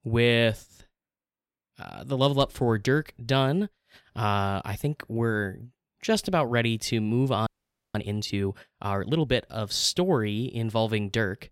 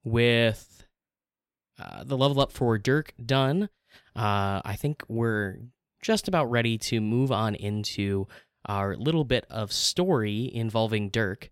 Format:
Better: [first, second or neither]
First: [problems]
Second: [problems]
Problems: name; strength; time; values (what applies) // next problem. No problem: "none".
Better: second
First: audio freezing; at 7.5 s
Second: none